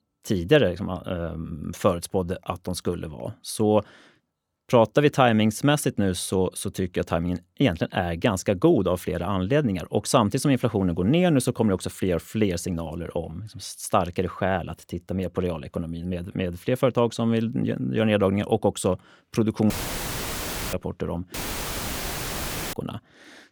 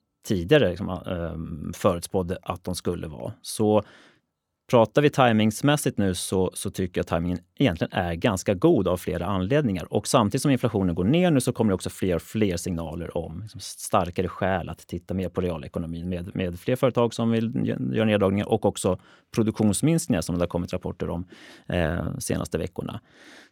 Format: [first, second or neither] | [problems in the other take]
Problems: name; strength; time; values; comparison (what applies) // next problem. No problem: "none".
second | audio cutting out; filled with static; at 20 s for 1 s and at 21 s for 1.5 s